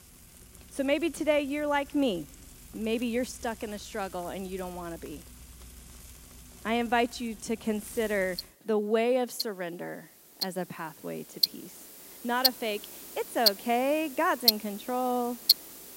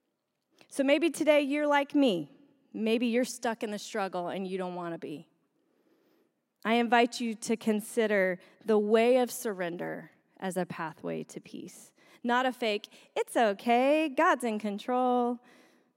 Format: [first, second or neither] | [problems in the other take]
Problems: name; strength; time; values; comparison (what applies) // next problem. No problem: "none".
second | household noises; very loud; throughout; 2 dB above the speech